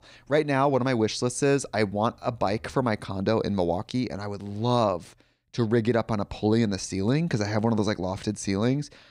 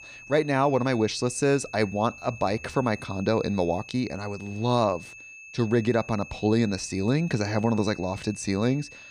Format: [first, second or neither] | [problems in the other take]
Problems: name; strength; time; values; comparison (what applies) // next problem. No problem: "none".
first | high-pitched whine; noticeable; throughout; 2.5 kHz, 15 dB below the speech